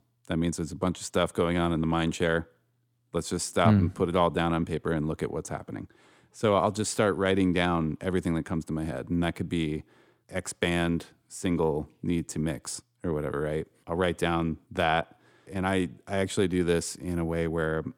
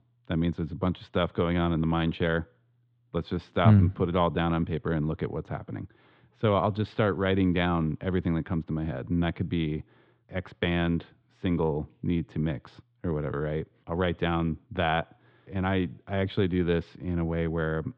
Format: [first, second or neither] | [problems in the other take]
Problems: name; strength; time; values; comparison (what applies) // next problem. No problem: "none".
first | muffled; very; fading above 3.5 kHz